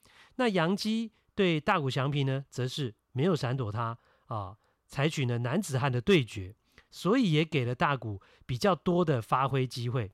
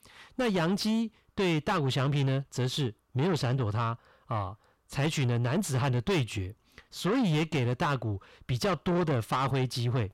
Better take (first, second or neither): first